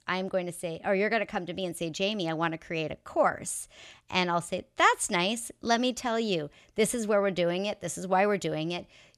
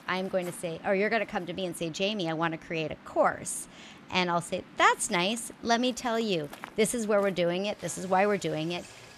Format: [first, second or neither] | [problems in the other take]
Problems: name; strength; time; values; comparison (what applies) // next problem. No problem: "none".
first | rain or running water; faint; throughout; 20 dB below the speech